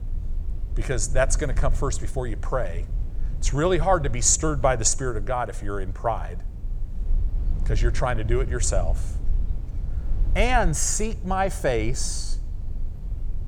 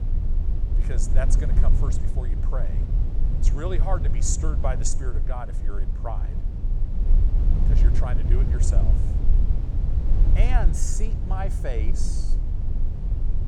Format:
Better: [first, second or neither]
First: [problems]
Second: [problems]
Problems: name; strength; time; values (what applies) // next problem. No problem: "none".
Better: first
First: low rumble; faint; throughout; 25 dB below the speech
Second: low rumble; loud; throughout; 7 dB below the speech